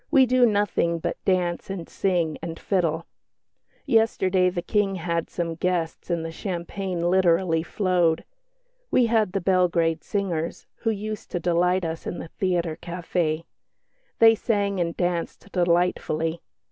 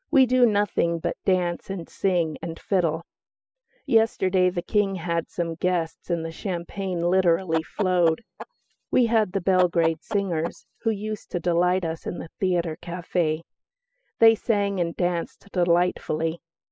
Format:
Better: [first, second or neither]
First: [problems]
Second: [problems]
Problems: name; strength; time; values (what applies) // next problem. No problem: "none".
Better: first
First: none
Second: noise reduction (classical method spectral subtraction)